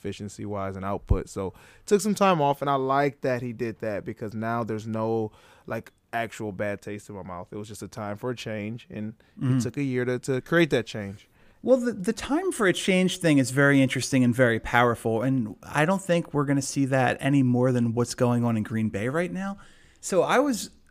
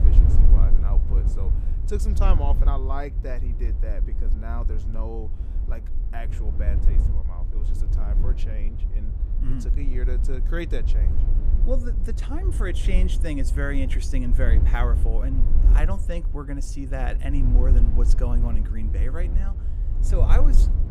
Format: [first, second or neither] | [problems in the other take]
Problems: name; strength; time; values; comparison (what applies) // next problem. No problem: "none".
first | wind noise on the microphone; heavy; 8 dB below the speech